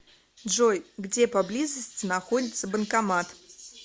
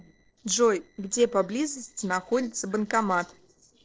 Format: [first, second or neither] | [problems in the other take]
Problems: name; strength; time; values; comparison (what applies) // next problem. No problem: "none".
first | noise reduction (neural separator model SepFormer DNS4)